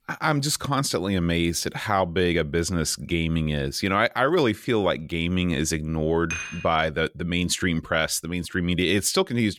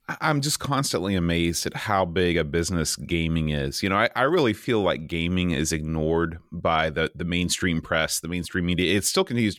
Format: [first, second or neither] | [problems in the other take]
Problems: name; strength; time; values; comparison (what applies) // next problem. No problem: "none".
second | clattering dishes; noticeable; at 6.5 s; peak 7 dB below the speech